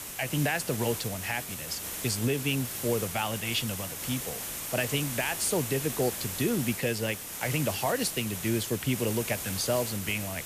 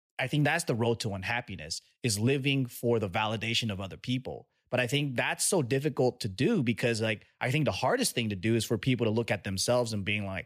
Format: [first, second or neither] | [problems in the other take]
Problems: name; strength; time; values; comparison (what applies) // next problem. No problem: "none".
second | hiss; loud; throughout; 4 dB below the speech